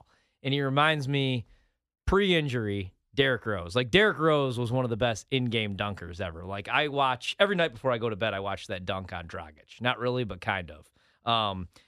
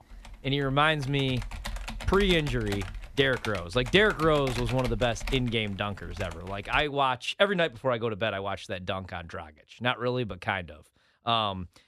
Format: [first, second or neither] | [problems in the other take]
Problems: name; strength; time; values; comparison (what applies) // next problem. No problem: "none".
first | keyboard typing; noticeable; until 7 s; peak 8 dB below the speech